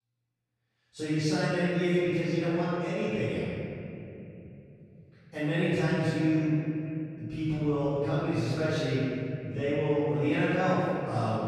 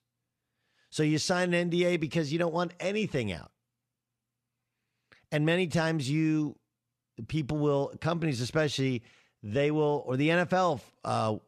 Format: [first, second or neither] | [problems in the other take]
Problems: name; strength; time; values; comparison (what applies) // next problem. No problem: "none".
second | off-mic speech; far // room echo; strong; dies away in 3 s